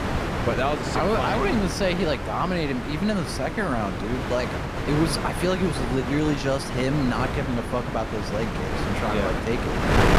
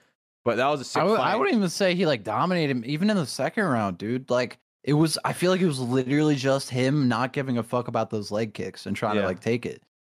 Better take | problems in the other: second | wind noise on the microphone; heavy; 2 dB below the speech

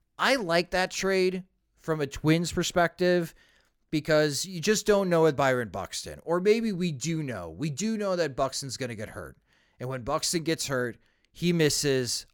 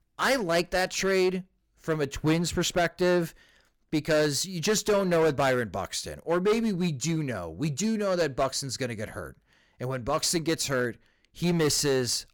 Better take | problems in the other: first | distortion; slight; 8% of the sound clipped

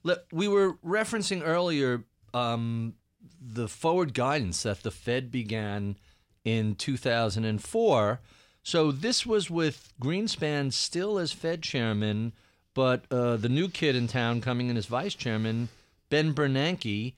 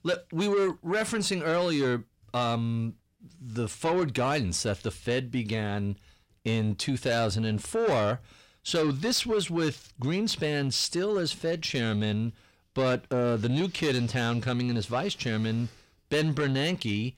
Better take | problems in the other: first | distortion; slight; 10 dB below the speech

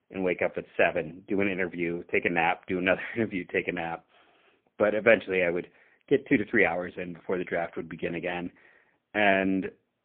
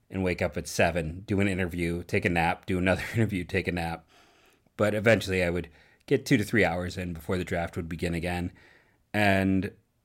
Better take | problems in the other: second | phone-call audio; poor line

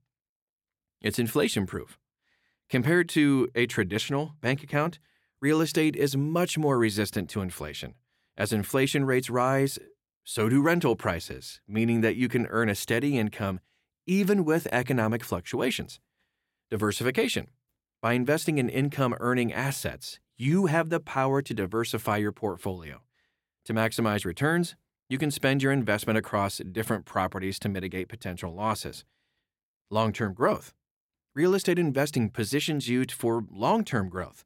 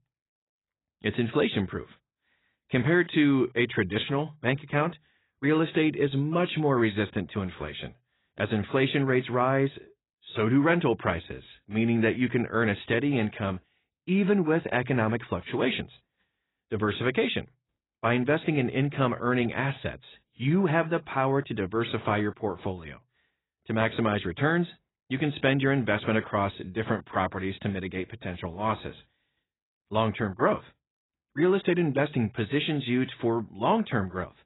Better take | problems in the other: first | garbled, watery; badly; nothing above 4 kHz

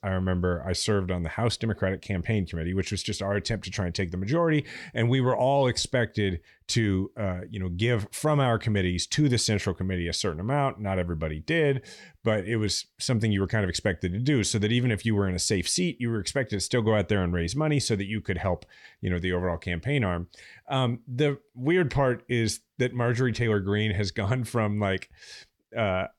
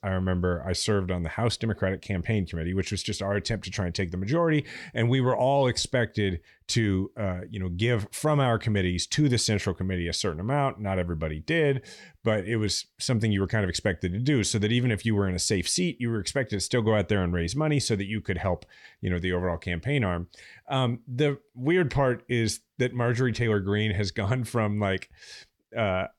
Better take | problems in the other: neither | none

